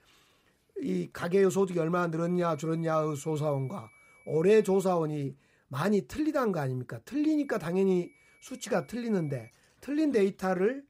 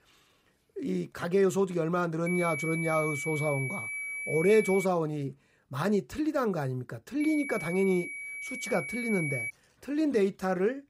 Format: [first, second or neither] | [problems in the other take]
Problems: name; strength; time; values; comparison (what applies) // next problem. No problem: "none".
first | high-pitched whine; loud; from 2.5 to 5 s and from 7 to 9.5 s; 2.5 kHz, 5 dB below the speech; faint in the first